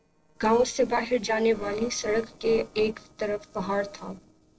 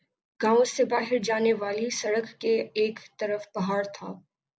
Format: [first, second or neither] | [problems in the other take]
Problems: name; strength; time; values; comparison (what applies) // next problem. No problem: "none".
second | noise reduction (neural separator model SepFormer DNS4)